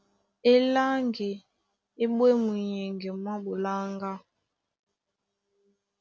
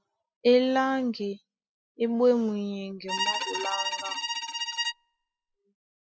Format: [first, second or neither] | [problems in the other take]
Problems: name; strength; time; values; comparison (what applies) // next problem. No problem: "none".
first | noise reduction (classical method spectral subtraction)